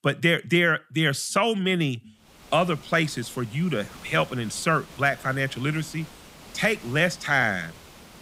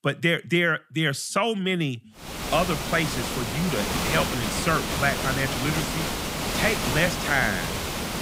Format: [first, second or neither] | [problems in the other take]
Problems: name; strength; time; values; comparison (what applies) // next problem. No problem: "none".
first | hiss; loud; from 2.5 s on; 2 dB below the speech; faint in the first